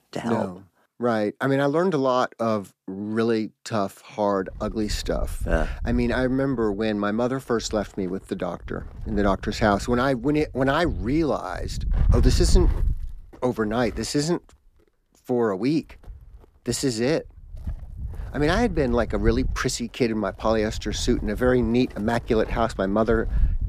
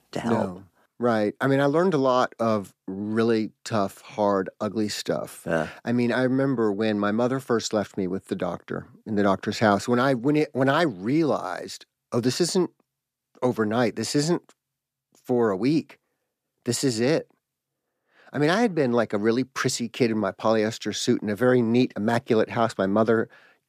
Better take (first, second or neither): second